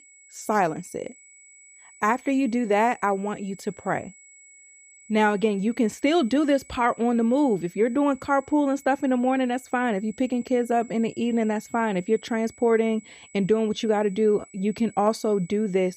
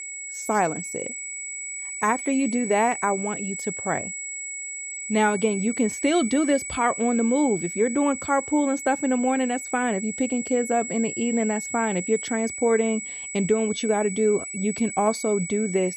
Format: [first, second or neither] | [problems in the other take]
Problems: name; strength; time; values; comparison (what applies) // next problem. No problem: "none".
first | high-pitched whine; loud; throughout; 8 kHz, 7 dB below the speech; faint in the first